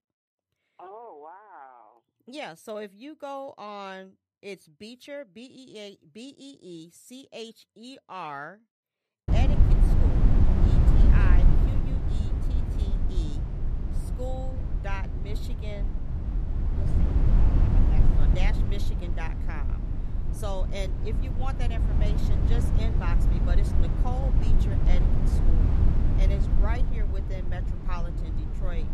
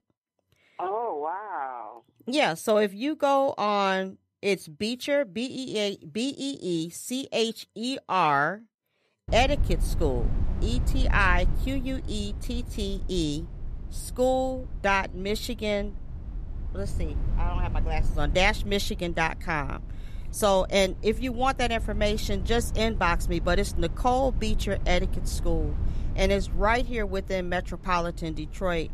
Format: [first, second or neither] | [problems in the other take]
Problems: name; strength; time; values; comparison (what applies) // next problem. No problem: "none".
second | low rumble; loud; from 9.5 s on; as loud as the speech; faint in the second